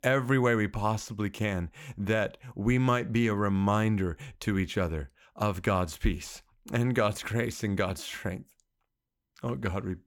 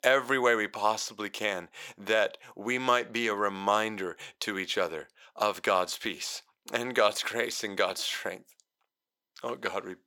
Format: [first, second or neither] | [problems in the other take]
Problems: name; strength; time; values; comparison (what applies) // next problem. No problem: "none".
first | thin; very; fading below 550 Hz